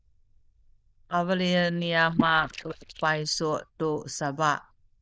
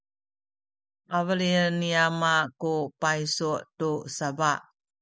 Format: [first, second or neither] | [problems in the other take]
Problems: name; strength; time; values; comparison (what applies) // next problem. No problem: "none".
second | noise reduction (neural diffusion model UNIVERSE++)